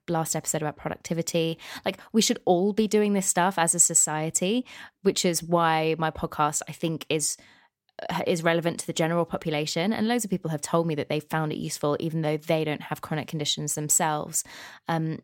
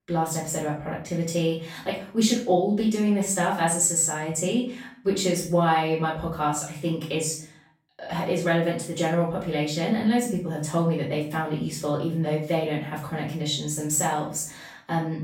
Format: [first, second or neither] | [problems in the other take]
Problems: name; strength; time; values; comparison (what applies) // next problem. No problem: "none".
first | off-mic speech; far // room echo; noticeable; dies away in 0.4 s